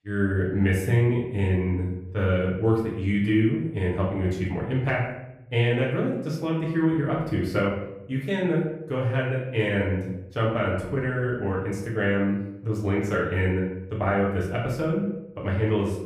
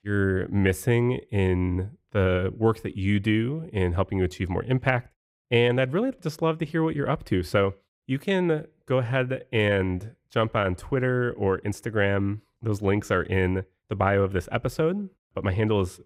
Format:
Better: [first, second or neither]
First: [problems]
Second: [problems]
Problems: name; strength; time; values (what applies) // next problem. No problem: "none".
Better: second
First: off-mic speech; far // room echo; noticeable; dies away in 0.7 s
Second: none